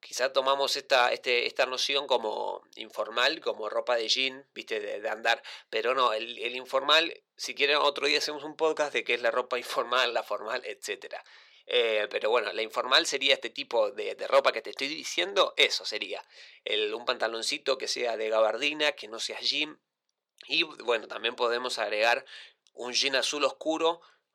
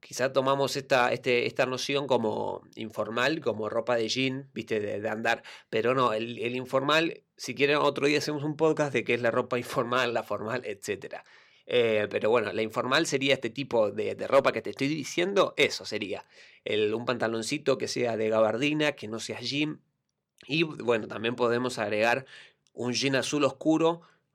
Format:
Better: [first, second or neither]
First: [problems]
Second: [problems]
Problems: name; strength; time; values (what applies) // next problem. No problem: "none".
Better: second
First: thin; somewhat; fading below 600 Hz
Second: none